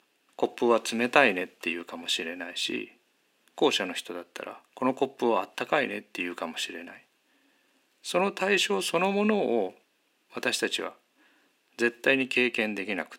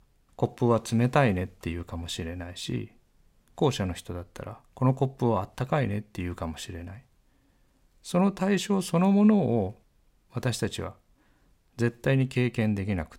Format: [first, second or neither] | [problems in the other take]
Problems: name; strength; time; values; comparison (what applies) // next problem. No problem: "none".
second | thin; somewhat; fading below 300 Hz